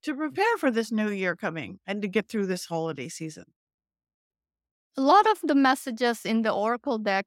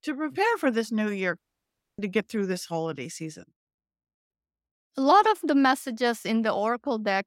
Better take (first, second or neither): first